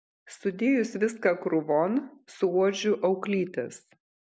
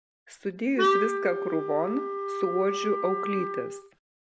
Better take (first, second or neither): first